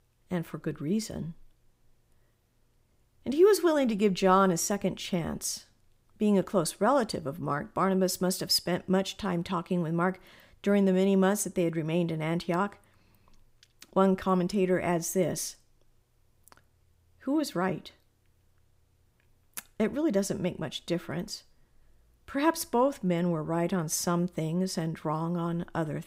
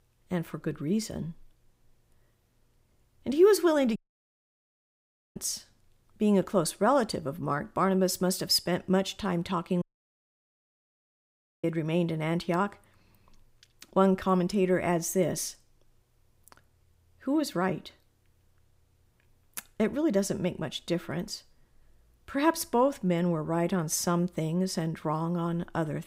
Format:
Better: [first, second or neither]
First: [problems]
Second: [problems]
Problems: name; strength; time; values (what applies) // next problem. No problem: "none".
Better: first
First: none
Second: audio cutting out; at 4 s for 1.5 s and at 10 s for 2 s